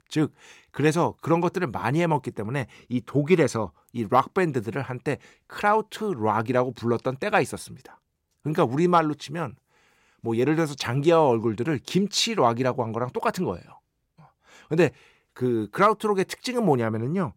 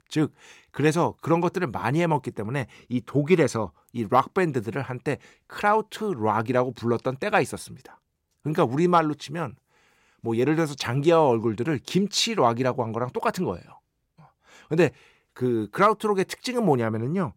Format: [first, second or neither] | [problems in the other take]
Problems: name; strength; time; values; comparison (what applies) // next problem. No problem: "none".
neither | none